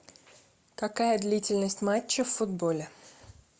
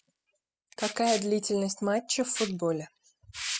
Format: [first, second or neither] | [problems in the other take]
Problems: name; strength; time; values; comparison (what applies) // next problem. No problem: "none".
first | noise reduction (classical method spectral subtraction)